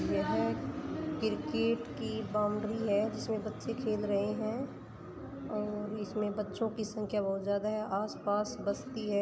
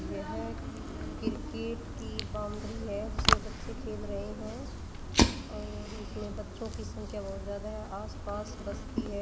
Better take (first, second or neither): first